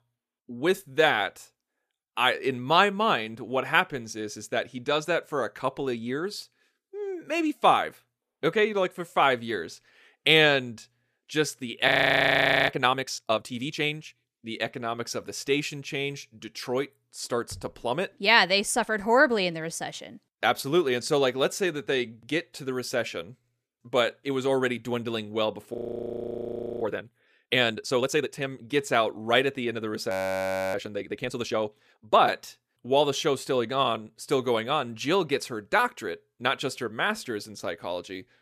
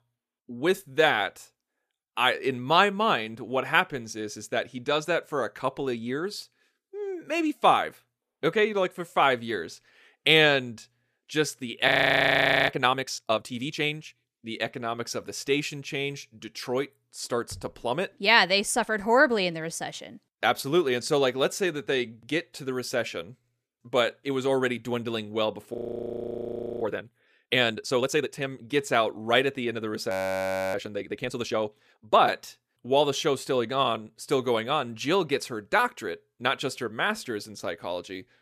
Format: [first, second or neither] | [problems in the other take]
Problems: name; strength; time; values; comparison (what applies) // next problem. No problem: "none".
neither | audio freezing; at 12 s for 1 s, at 26 s for 1 s and at 30 s for 0.5 s; the same in both